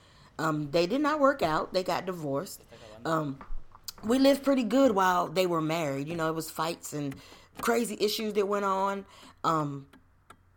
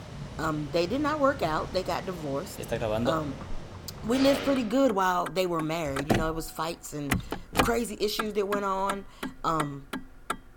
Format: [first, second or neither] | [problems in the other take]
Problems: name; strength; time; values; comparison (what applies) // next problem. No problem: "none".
first | traffic noise; loud; throughout; 6 dB below the speech; faint in the first